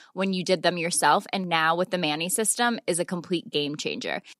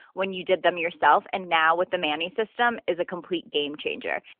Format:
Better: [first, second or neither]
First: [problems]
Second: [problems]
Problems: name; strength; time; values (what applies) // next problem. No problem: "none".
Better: first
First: none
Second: phone-call audio; nothing above 3 kHz